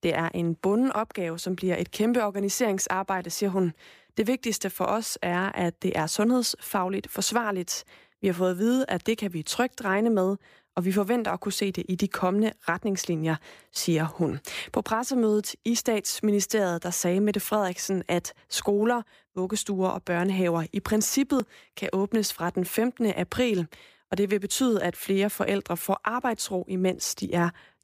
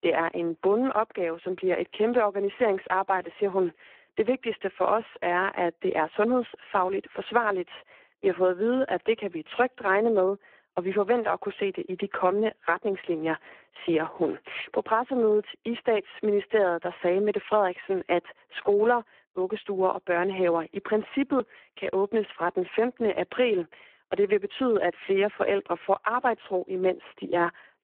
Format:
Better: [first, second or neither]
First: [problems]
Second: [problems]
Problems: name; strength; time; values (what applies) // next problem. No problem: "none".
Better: first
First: none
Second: phone-call audio; poor line